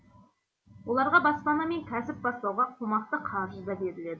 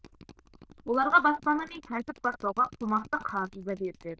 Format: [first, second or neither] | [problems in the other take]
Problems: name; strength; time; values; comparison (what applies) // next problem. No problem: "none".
first | noise reduction (neural diffusion model UNIVERSE++)